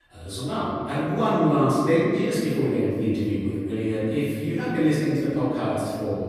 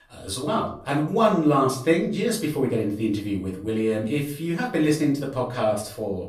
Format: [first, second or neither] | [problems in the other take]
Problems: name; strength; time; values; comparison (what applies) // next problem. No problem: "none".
second | room echo; strong; dies away in 2.4 s; slight in the second // off-mic speech; far; far in the second